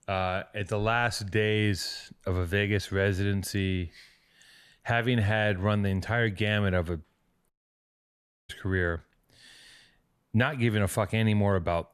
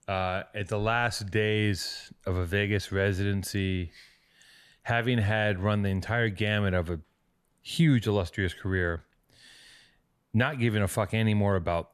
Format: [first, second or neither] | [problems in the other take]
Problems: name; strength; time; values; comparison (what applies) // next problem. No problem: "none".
second | audio cutting out; at 7.5 s for 1 s